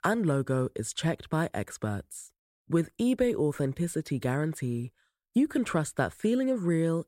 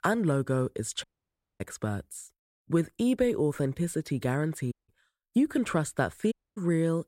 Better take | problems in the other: first | audio cutting out; at 1 s for 0.5 s, at 4.5 s and at 6.5 s

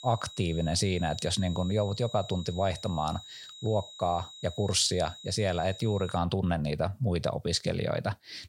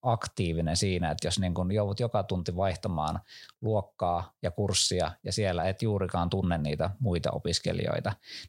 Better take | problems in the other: second | high-pitched whine; noticeable; until 6 s; 4 kHz, 15 dB below the speech

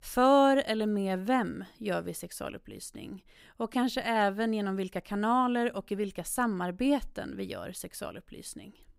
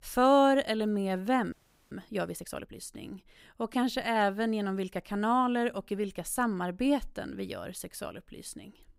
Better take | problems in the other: first | audio freezing; at 1.5 s

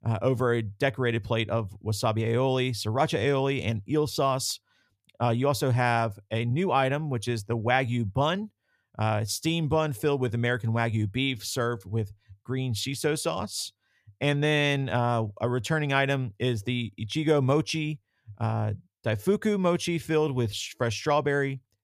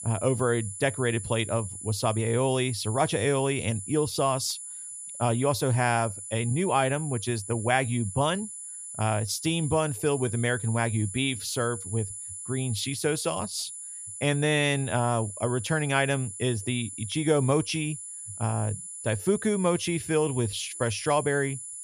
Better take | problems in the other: first | high-pitched whine; loud; throughout; 10 kHz, 9 dB below the speech

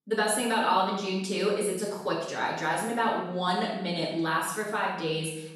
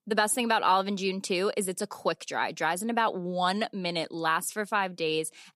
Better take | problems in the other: second | off-mic speech; far // room echo; noticeable; dies away in 0.9 s

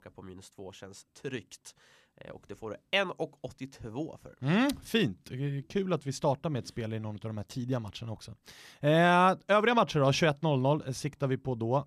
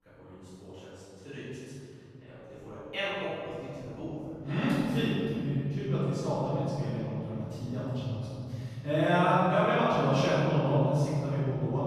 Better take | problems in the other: first | off-mic speech; far // room echo; strong; dies away in 3 s

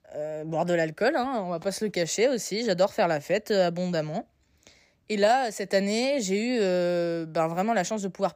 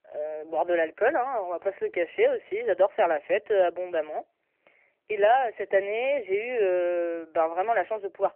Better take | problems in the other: first | phone-call audio; nothing above 3 kHz

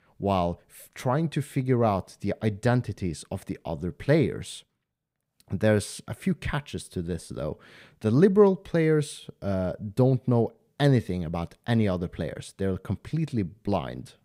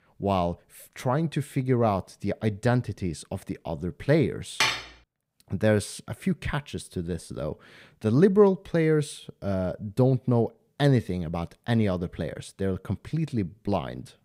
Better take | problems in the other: first | clattering dishes; loud; at 4.5 s; peak 2 dB above the speech

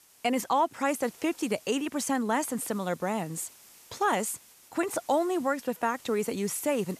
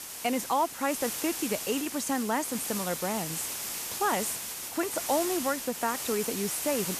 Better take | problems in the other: first | hiss; loud; throughout; 3 dB below the speech; faint in the first

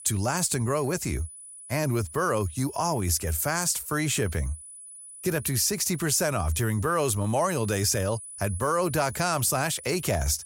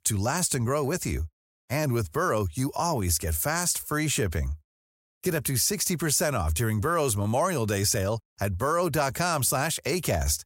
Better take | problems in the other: second | high-pitched whine; noticeable; throughout; 10 kHz, 15 dB below the speech

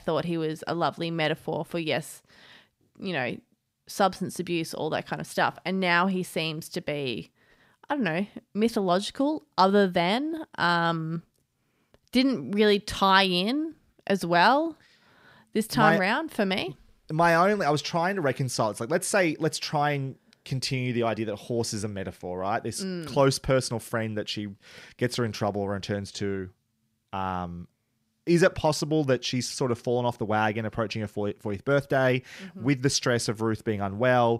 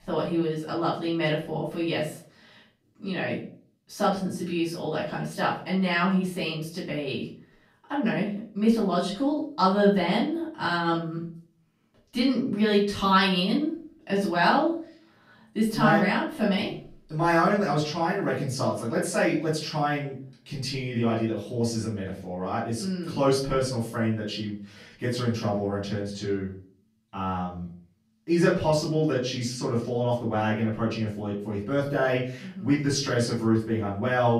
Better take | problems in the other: first | off-mic speech; far // room echo; slight; dies away in 0.4 s

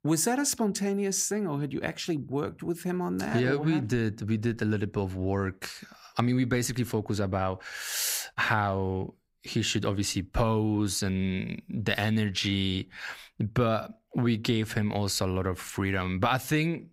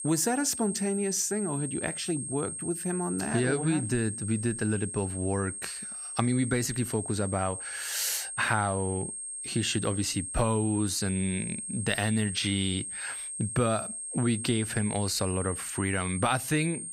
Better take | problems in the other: first | high-pitched whine; loud; throughout; 8.5 kHz, 5 dB below the speech

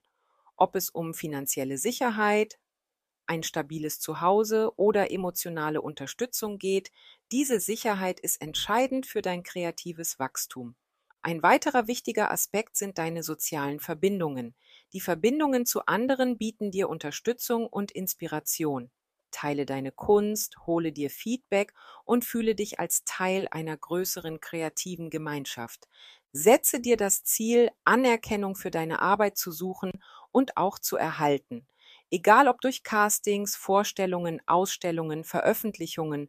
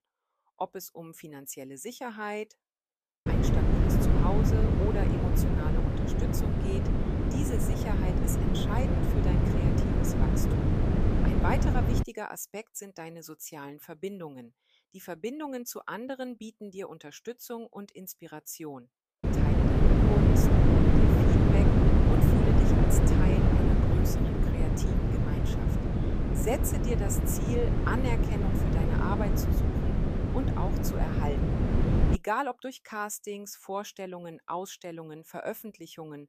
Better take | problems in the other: first | wind noise on the microphone; heavy; from 3.5 to 12 s and from 19 to 32 s; 4 dB above the speech

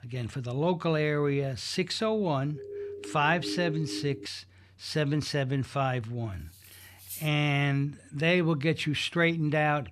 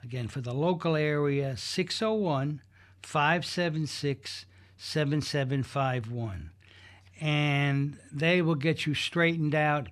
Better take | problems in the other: second | siren; noticeable; from 2.5 to 4.5 s; peak 8 dB below the speech // clattering dishes; faint; at 6.5 s; peak 10 dB below the speech

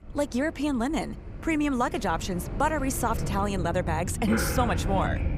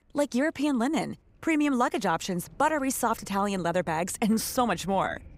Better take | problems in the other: second | rain or running water; loud; throughout; 5 dB below the speech; faint in the second

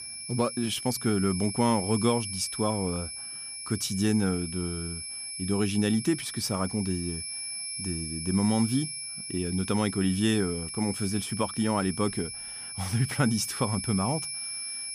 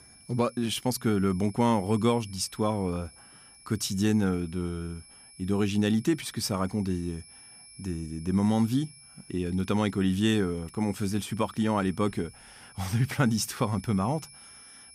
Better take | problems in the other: second | high-pitched whine; loud; throughout; 10.5 kHz, 6 dB below the speech; faint in the second

